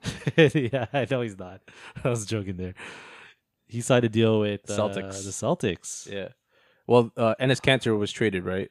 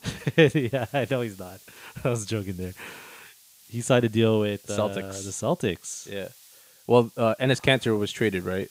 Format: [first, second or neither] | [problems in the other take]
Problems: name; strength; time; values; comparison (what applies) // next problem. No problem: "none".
first | hiss; faint; throughout; 25 dB below the speech